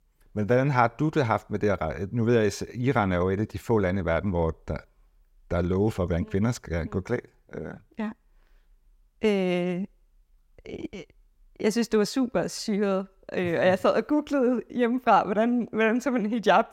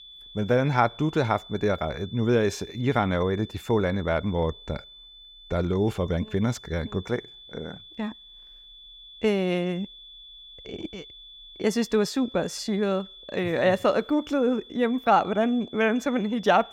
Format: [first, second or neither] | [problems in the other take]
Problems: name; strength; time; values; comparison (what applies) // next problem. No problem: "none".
first | high-pitched whine; noticeable; throughout; 3.5 kHz, 20 dB below the speech